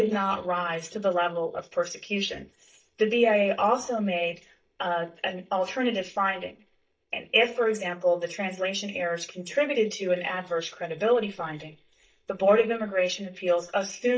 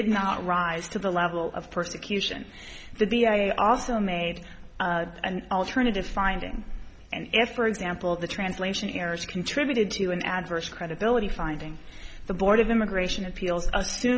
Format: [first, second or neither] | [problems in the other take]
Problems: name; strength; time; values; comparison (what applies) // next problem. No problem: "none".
second | noise reduction (neural mask model DeepFilterNet 3)